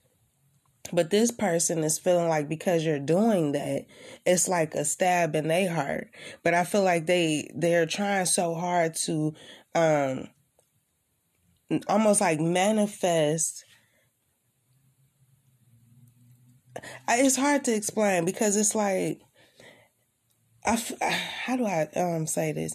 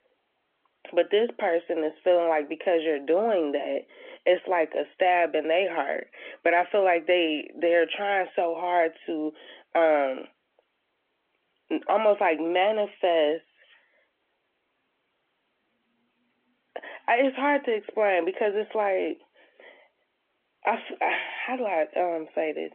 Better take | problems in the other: first | phone-call audio

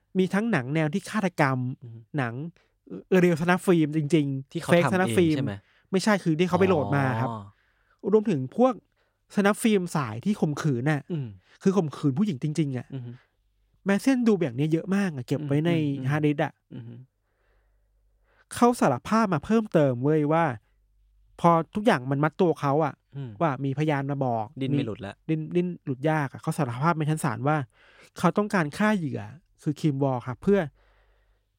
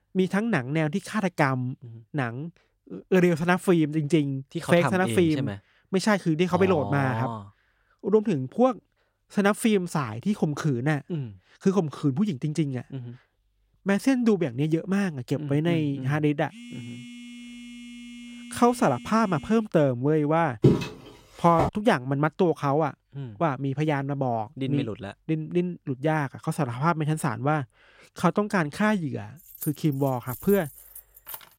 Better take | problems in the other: first | phone ringing; faint; from 16 to 20 s; peak 15 dB below the speech // footsteps; loud; from 21 to 22 s; peak 3 dB above the speech // jangling keys; faint; from 29 s on; peak 10 dB below the speech

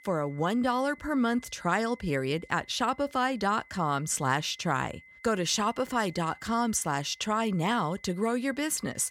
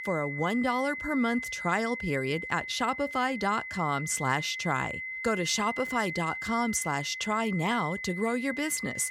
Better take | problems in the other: first | high-pitched whine; loud; throughout; 2 kHz, 6 dB below the speech; faint in the first

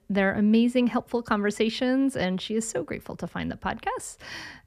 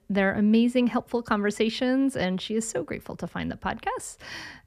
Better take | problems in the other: neither | none

